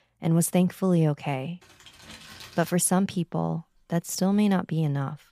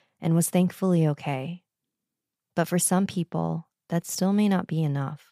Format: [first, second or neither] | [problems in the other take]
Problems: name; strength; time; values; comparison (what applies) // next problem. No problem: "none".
second | household noises; faint; throughout; 20 dB below the speech